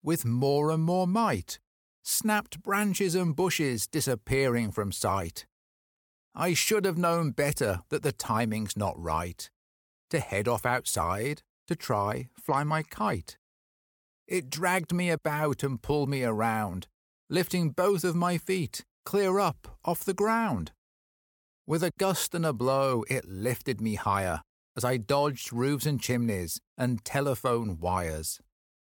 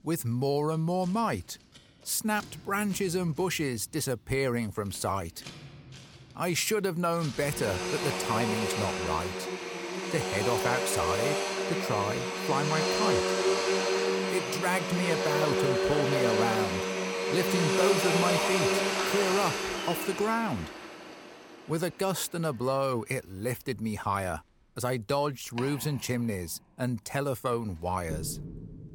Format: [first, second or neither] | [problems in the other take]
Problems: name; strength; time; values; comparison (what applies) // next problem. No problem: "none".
first | household noises; very loud; throughout; 1 dB above the speech